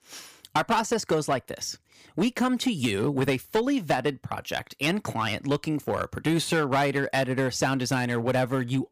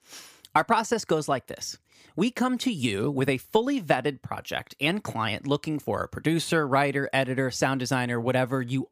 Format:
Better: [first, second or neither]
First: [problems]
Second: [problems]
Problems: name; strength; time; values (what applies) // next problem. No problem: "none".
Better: second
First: distortion; slight; 5% of the sound clipped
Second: none